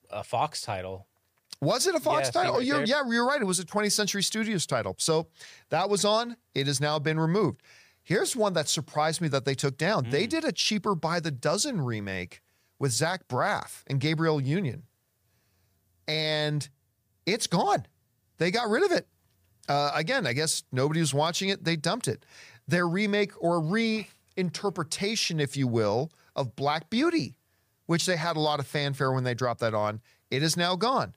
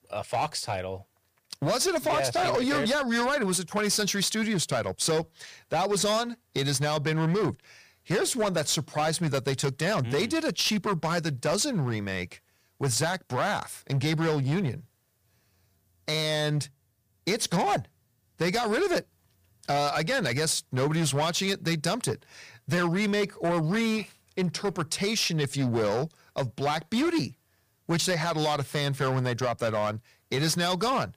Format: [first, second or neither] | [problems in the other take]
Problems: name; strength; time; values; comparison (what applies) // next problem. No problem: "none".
first | distortion; slight; 11% of the sound clipped